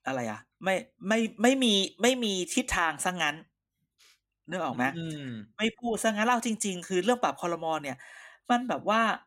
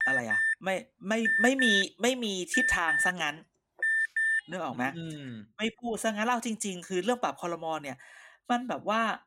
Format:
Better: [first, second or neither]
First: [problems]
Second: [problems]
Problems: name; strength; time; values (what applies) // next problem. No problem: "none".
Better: first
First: none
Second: alarm; loud; until 4.5 s; peak 6 dB above the speech